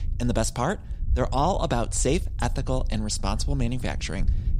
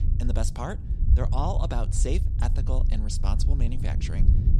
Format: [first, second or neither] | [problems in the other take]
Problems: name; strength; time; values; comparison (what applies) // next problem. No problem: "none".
first | low rumble; loud; throughout; 8 dB below the speech; faint in the first